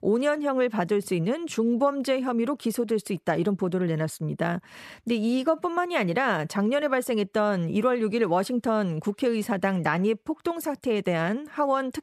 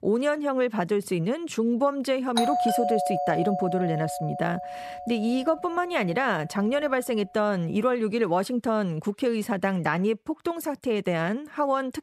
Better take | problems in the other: first | doorbell; loud; from 2.5 to 5.5 s; peak 2 dB above the speech

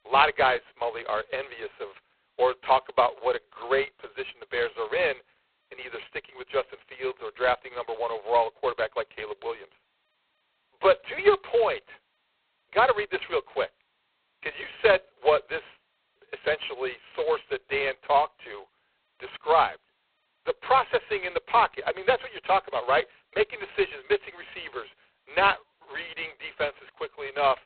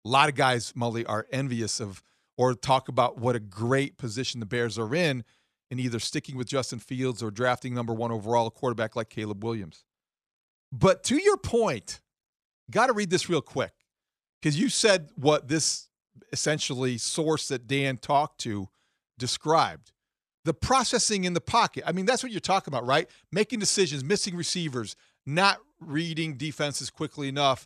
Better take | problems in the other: second | phone-call audio; poor line; nothing above 4 kHz

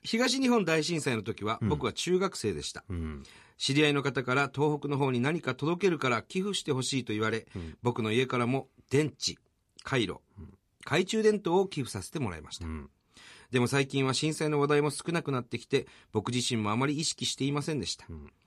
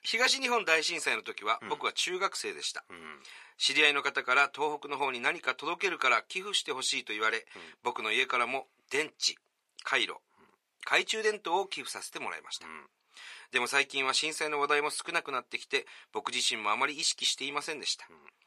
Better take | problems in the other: first | thin; very; fading below 700 Hz

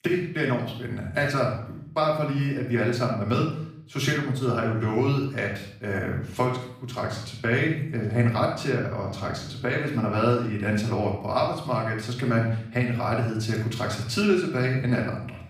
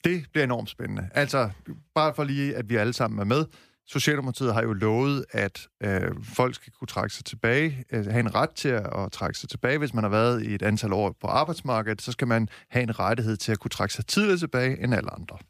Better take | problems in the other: second | off-mic speech; far // room echo; noticeable; dies away in 0.6 s

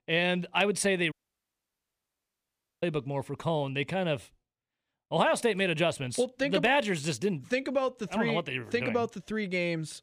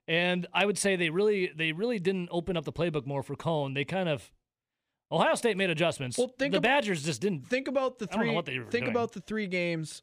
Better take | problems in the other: second | audio cutting out; at 1 s for 1.5 s

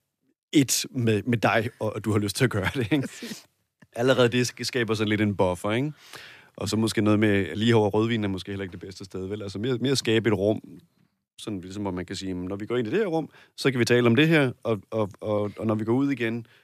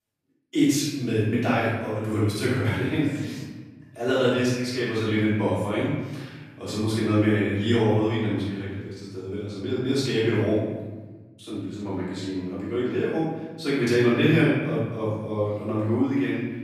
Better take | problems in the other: first | off-mic speech; far // room echo; strong; dies away in 1.3 s

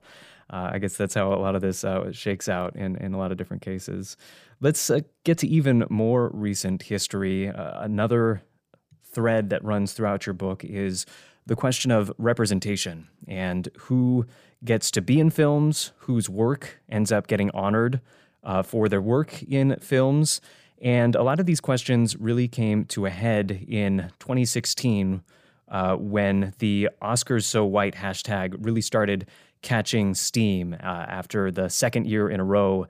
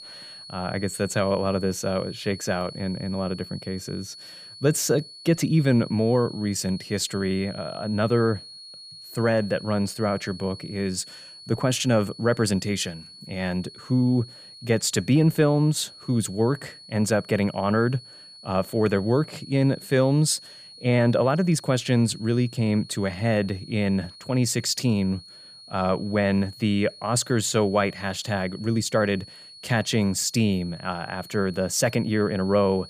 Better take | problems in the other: first | high-pitched whine; noticeable; throughout; 4.5 kHz, 15 dB below the speech

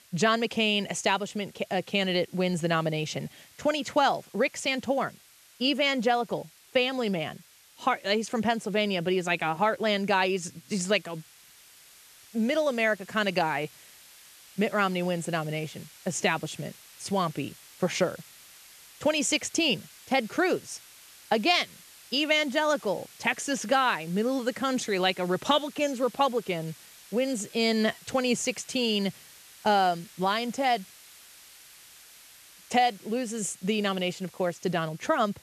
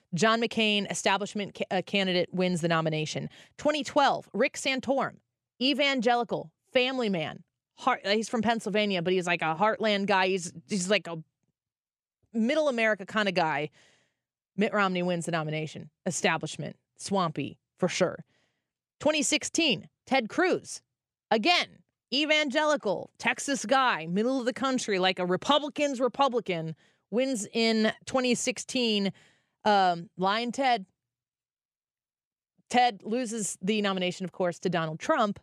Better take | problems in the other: second | hiss; faint; throughout; 20 dB below the speech

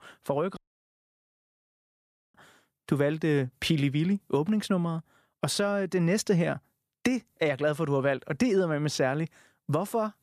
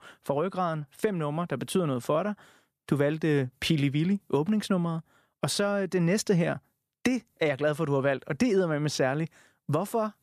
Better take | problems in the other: second | audio cutting out; at 0.5 s for 2 s

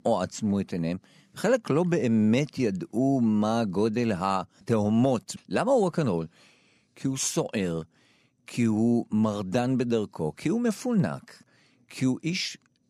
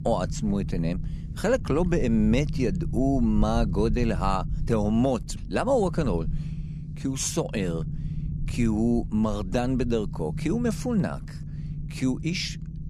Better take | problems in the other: first | low rumble; noticeable; throughout; 15 dB below the speech

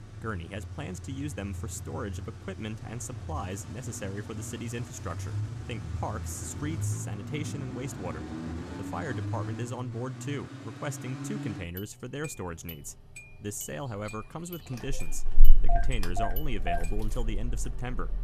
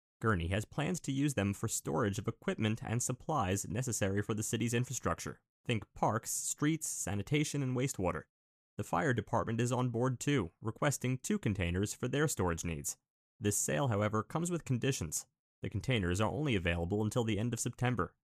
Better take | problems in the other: second | traffic noise; very loud; throughout; 2 dB above the speech

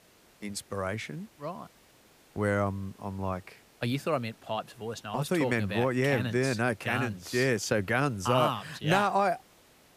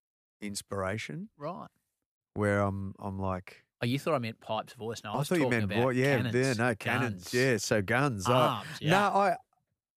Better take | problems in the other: second | hiss; faint; throughout; 30 dB below the speech

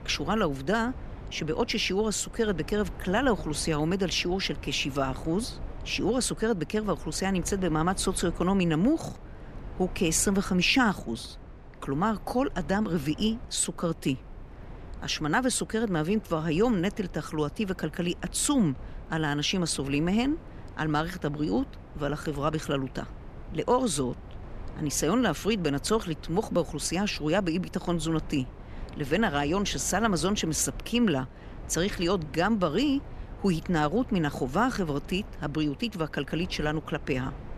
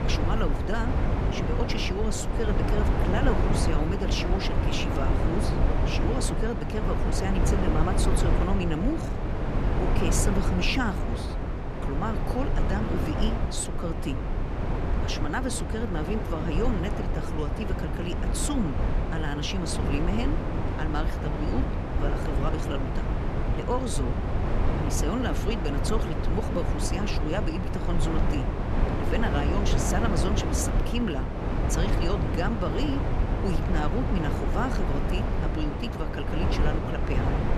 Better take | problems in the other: first | low rumble; loud; throughout; as loud as the speech; faint in the first

